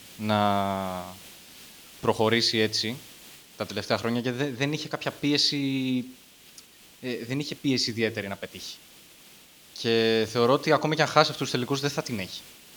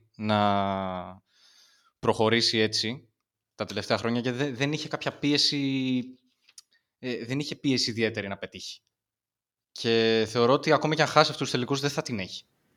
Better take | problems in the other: second | hiss; faint; throughout; 20 dB below the speech

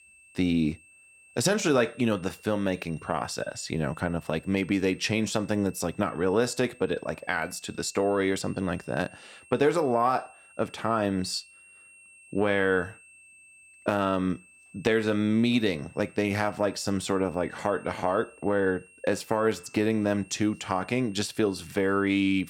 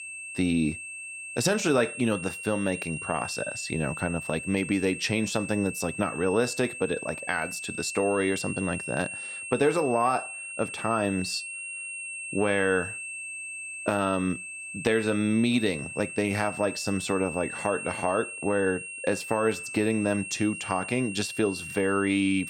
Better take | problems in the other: first | high-pitched whine; loud; throughout; 2.5 kHz, 8 dB below the speech; faint in the first

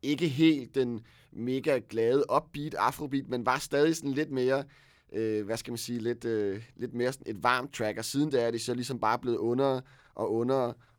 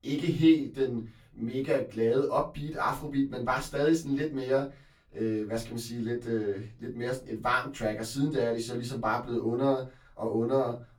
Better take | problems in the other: first | off-mic speech; far // room echo; very slight; dies away in 0.3 s

